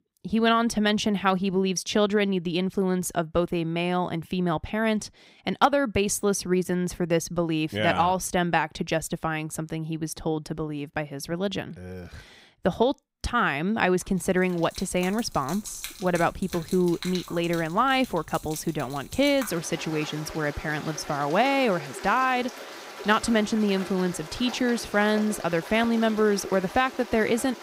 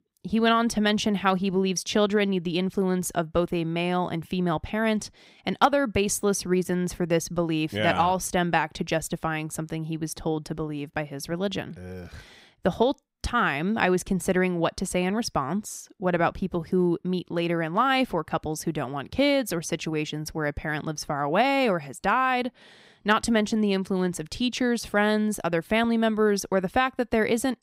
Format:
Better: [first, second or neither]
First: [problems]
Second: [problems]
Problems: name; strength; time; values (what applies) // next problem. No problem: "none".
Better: second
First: rain or running water; noticeable; from 15 s on; 15 dB below the speech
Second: none